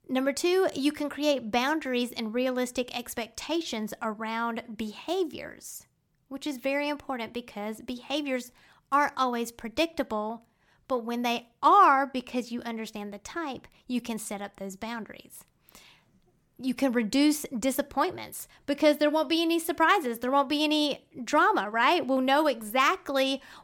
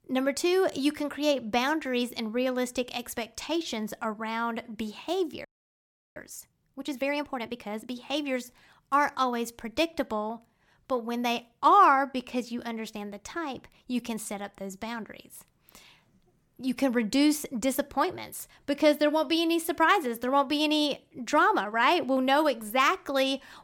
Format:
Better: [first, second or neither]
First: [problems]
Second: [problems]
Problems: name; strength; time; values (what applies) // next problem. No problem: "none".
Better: first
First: none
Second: audio freezing; at 5.5 s for 0.5 s